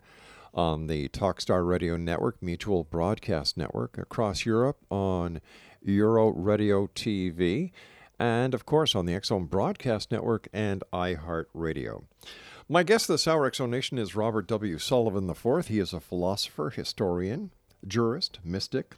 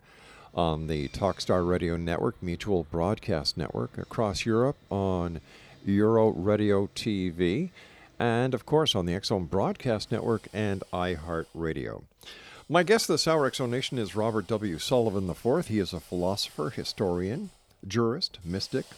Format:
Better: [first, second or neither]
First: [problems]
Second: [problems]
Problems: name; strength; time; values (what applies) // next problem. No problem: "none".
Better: first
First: none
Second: machinery noise; faint; throughout; 25 dB below the speech